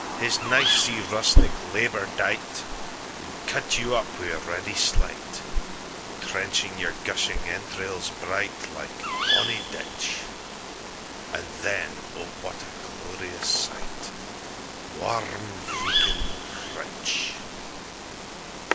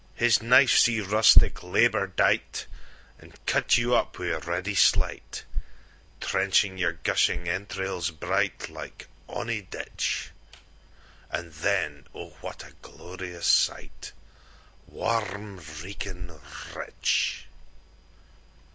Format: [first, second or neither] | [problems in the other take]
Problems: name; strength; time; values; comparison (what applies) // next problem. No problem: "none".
second | background sound (Bird vocalization, bird call, bird song); 5 dB below the speech